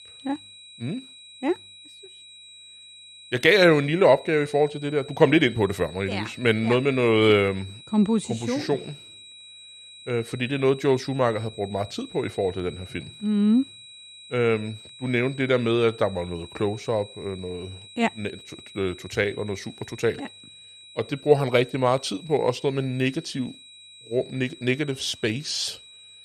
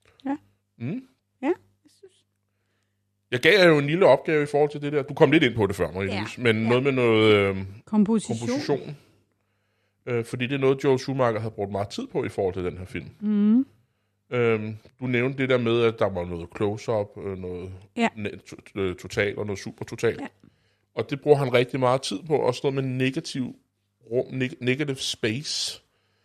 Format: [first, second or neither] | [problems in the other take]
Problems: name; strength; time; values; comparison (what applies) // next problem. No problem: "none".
second | high-pitched whine; noticeable; throughout; 4 kHz, 20 dB below the speech